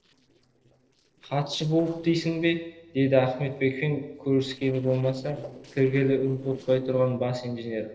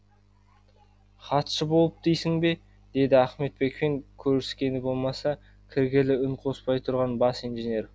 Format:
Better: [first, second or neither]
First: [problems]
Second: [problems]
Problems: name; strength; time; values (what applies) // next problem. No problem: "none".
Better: second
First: noise reduction (neural separator model SepFormer DNS4)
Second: none